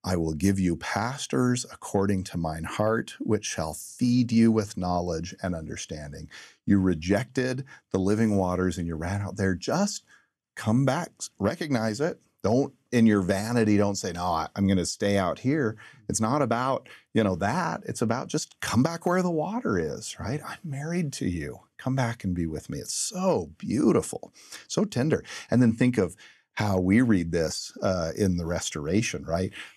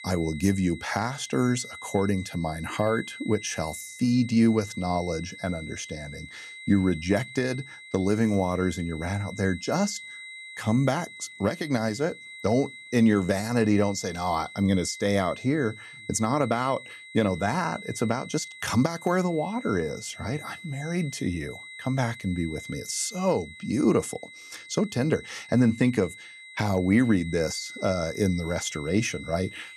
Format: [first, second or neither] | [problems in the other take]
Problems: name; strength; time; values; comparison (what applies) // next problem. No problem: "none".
first | high-pitched whine; noticeable; throughout; 2 kHz, 15 dB below the speech